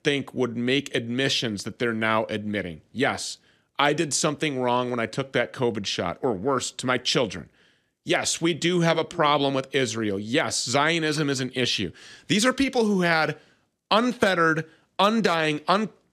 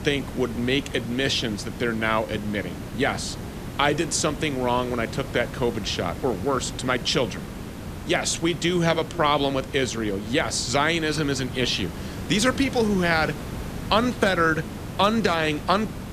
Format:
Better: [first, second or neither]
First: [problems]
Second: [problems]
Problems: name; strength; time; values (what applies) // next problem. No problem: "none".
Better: first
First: none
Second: hiss; noticeable; throughout; 10 dB below the speech